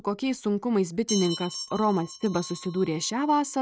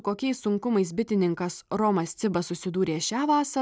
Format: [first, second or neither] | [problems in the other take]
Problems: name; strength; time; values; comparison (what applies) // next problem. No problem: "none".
second | noise reduction (neural mask model RNNoise)